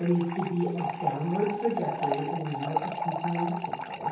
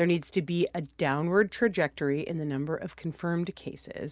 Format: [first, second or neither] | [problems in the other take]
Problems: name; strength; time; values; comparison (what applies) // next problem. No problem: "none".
second | background sound (Fill (with liquid) / Trickle, dribble); 3 dB below the speech // room echo; dies away in 0.9 s